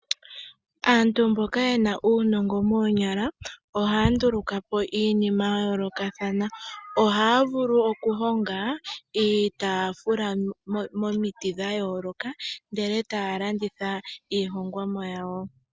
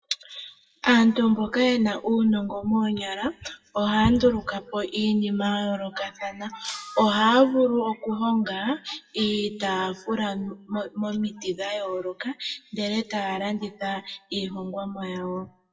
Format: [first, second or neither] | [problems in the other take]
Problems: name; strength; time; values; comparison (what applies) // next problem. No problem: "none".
first | noise reduction (classical method WPE with log-MMSE)